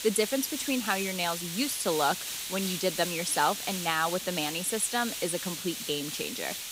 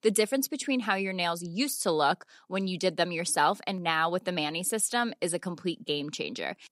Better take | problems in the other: second | hiss; loud; throughout; 4 dB below the speech

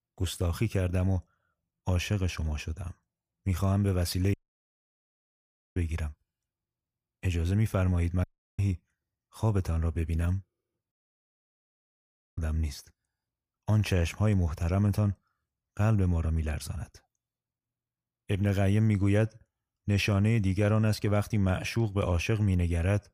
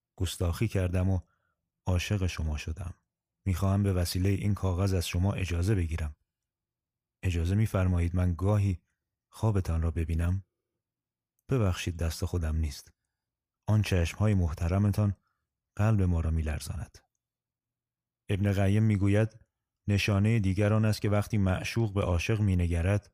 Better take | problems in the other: second | audio cutting out; at 4.5 s for 1.5 s, at 8 s and at 11 s for 1.5 s

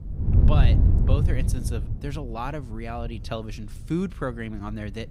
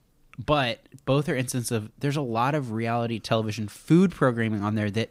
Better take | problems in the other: second | wind noise on the microphone; heavy; 2 dB below the speech

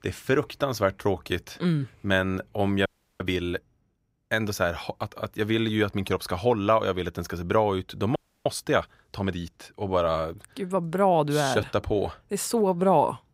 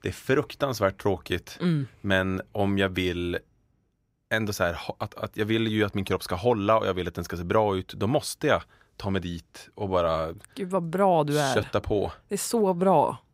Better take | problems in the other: second | audio freezing; at 3 s and at 8 s

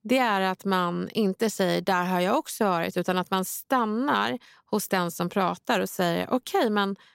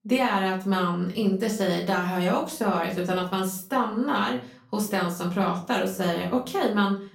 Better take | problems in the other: first | room echo; slight; dies away in 0.4 s // off-mic speech; far

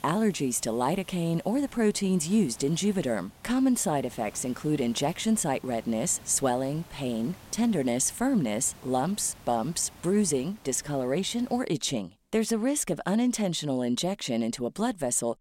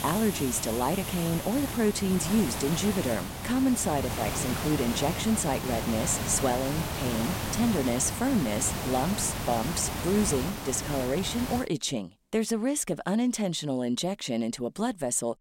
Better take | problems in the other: first | hiss; loud; until 12 s; 5 dB below the speech; faint in the first

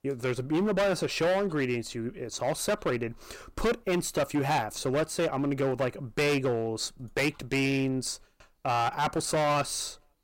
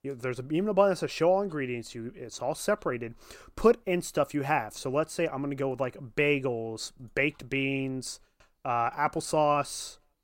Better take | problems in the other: second | distortion; heavy; 13% of the sound clipped

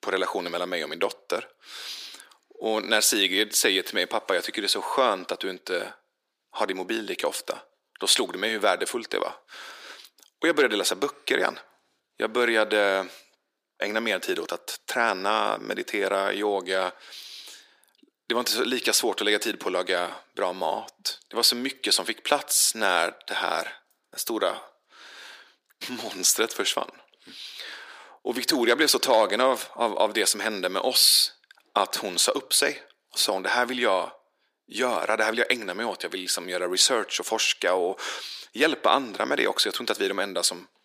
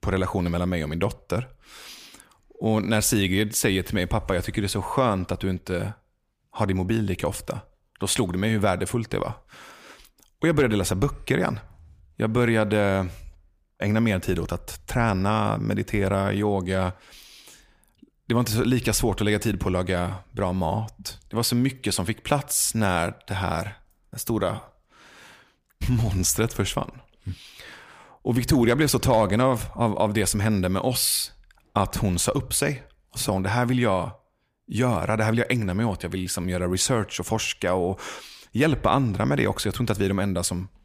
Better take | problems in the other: second | thin; very; fading below 350 Hz

